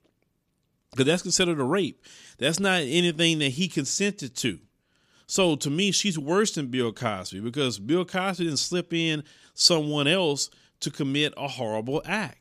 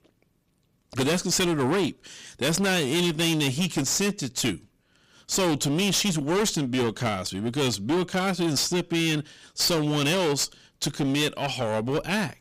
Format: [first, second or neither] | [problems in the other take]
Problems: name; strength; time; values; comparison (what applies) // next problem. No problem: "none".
first | distortion; heavy; 21% of the sound clipped